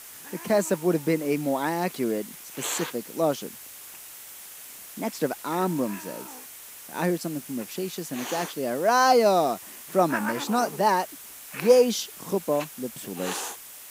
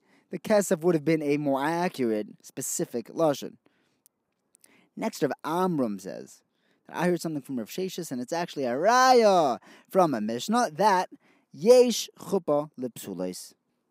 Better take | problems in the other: second | hiss; noticeable; throughout; 10 dB below the speech

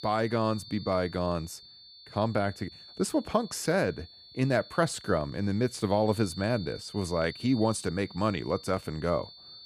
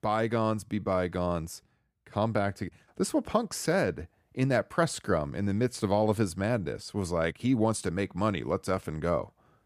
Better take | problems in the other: second | high-pitched whine; noticeable; throughout; 4.5 kHz, 15 dB below the speech

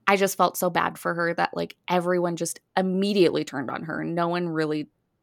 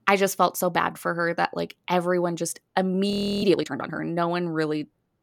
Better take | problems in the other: first | audio freezing; at 3 s

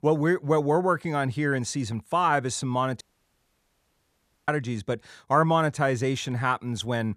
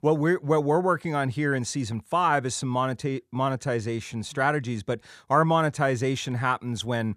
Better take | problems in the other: second | audio cutting out; at 3 s for 1.5 s

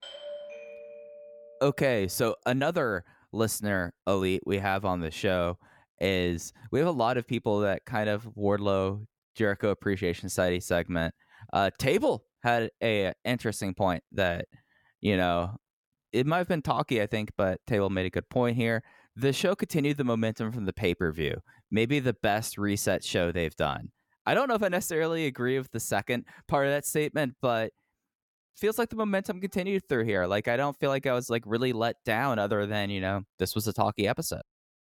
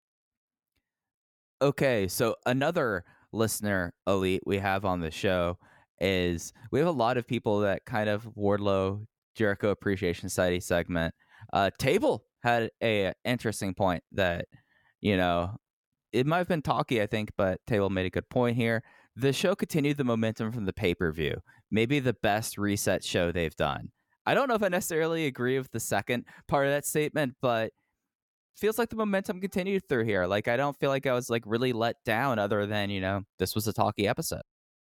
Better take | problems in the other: second | doorbell; faint; until 2 s; peak 10 dB below the speech

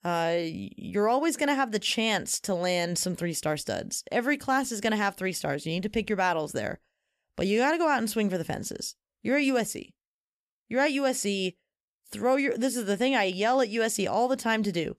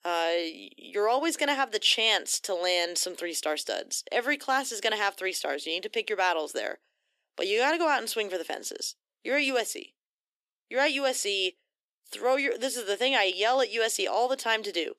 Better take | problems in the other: first | thin; somewhat; fading below 300 Hz

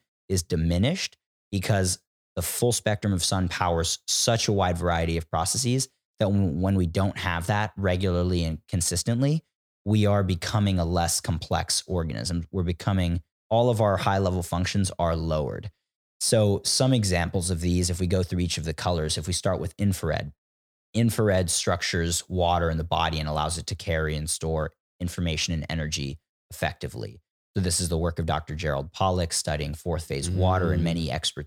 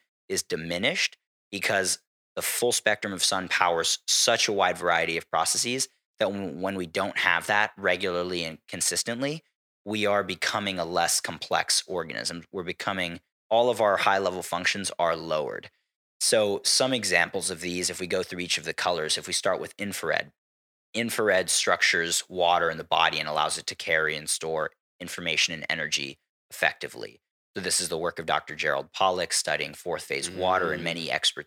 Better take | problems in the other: first | thin; somewhat; fading below 350 Hz

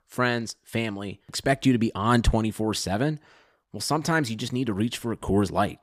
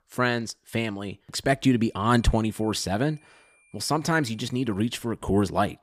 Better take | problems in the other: first | high-pitched whine; faint; from 2 to 5 s; 2.5 kHz, 35 dB below the speech

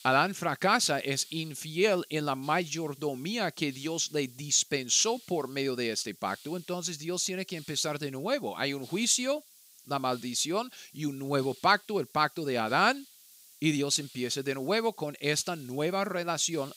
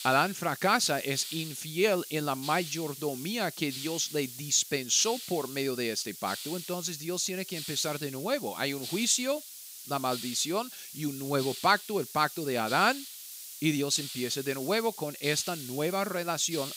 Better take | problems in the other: first | hiss; loud; throughout; 10 dB below the speech; faint in the first

